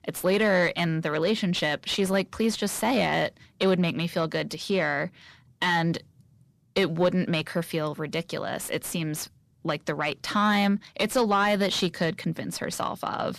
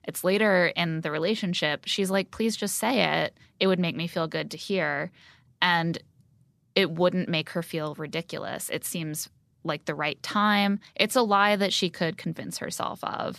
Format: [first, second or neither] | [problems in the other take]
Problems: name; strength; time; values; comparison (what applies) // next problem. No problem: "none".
second | distortion; slight; 10 dB below the speech